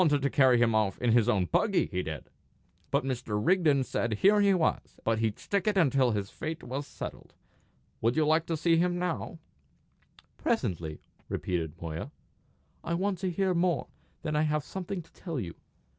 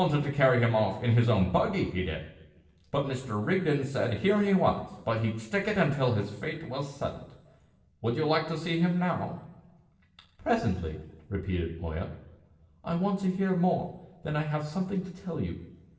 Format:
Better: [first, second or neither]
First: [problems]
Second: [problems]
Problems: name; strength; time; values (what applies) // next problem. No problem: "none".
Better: first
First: none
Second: room echo; dies away in 0.8 s